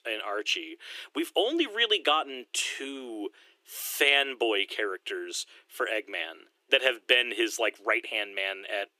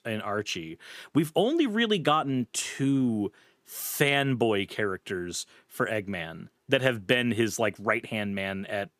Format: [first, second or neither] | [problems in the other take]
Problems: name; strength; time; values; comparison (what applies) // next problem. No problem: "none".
second | thin; very; fading below 300 Hz